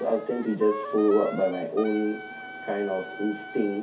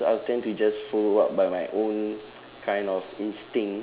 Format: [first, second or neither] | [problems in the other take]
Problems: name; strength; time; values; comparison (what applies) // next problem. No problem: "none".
second | background sound (Wind instrument, woodwind instrument); 12 dB below the speech // room echo; dies away in 0.3 s